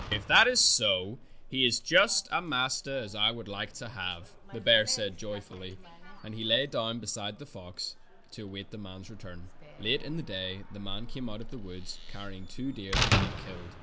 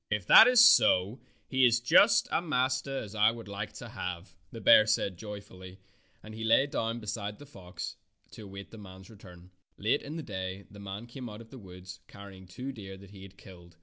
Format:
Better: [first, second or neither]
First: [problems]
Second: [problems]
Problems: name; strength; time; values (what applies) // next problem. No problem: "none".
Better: second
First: background sound (Slam); 6 dB below the speech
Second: none